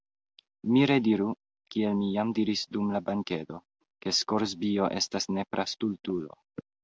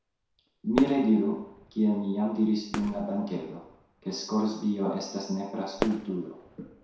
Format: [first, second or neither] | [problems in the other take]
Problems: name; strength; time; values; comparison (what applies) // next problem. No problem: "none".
first | background sound (Fireworks); 12 dB below the speech // room echo; dies away in 0.7 s